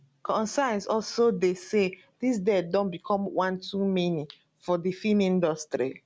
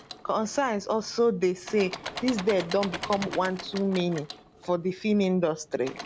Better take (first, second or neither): first